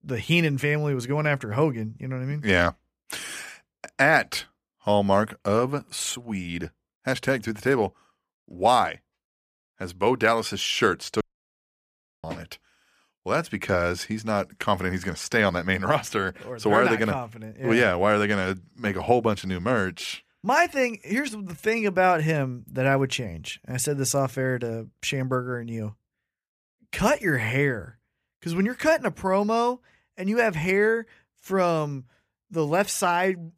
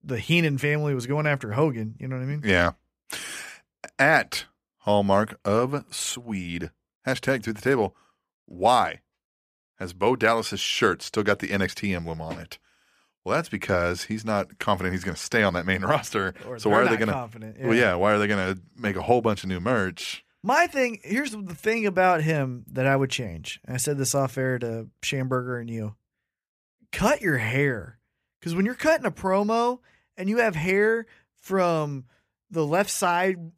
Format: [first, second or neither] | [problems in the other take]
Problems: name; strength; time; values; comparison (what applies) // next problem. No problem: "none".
second | audio cutting out; at 11 s for 1 s